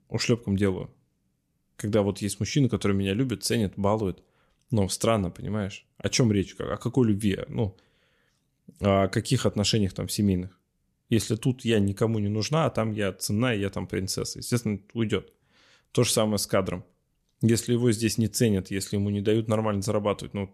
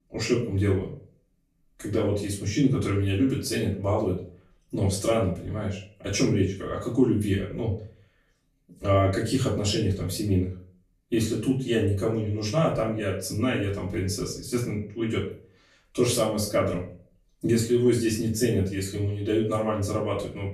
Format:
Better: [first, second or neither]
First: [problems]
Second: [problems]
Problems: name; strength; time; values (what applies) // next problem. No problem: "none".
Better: first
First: none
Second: off-mic speech; far // room echo; slight; dies away in 0.4 s